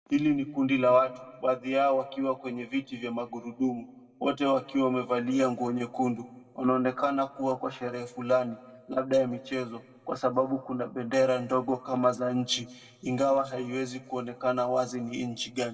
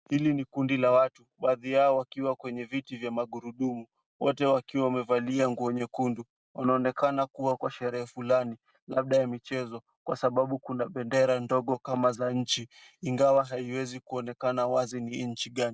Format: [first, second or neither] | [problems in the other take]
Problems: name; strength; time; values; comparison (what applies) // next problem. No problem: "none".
second | room echo; dies away in 0.9 s